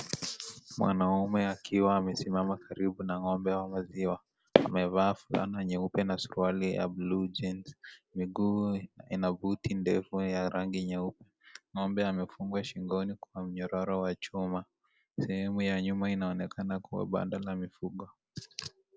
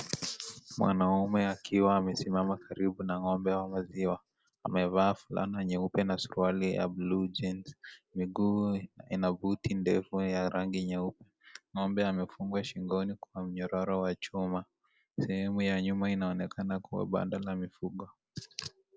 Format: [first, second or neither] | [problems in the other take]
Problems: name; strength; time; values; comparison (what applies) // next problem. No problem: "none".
second | background sound (Walk, footsteps); 1 dB below the speech